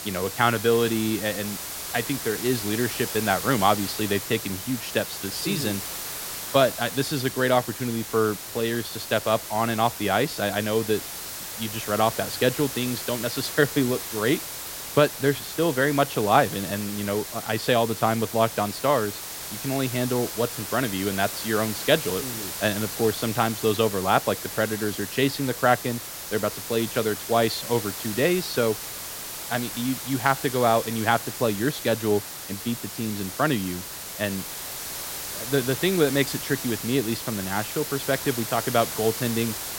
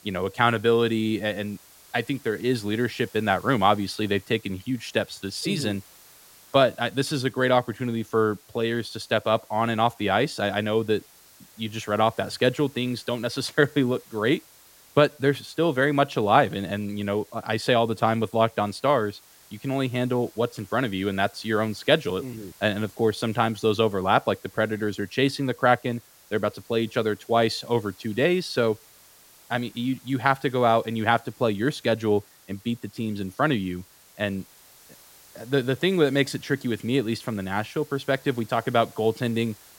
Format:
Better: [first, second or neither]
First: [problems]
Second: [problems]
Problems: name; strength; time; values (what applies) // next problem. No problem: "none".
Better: second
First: hiss; loud; throughout; 7 dB below the speech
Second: hiss; faint; throughout; 25 dB below the speech